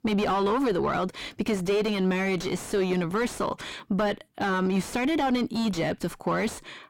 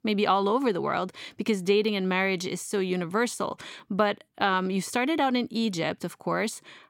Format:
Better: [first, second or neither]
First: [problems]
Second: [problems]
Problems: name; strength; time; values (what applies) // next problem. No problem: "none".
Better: second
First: distortion; heavy; 5 dB below the speech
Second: none